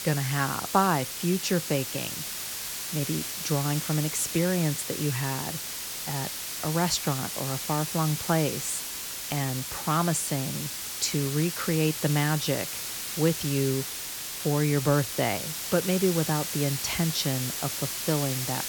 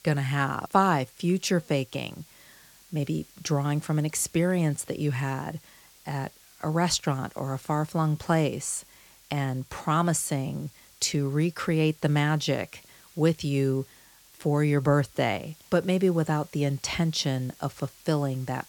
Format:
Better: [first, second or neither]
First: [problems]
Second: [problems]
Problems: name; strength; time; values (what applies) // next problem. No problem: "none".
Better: second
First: hiss; loud; throughout; 3 dB below the speech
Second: hiss; faint; throughout; 25 dB below the speech